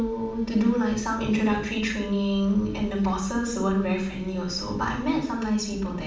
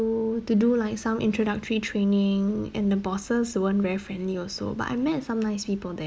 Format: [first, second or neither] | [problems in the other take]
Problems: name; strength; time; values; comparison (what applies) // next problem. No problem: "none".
second | room echo; dies away in 0.5 s